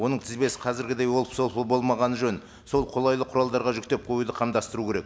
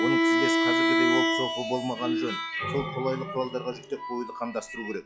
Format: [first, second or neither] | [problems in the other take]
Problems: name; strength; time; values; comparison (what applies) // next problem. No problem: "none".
first | noise reduction (classical method log-MMSE)